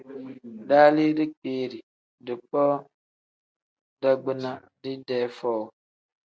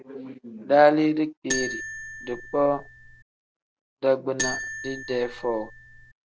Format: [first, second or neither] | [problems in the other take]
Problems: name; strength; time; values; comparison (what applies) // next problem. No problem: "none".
first | background sound (Marimba, xylophone); 8 dB below the speech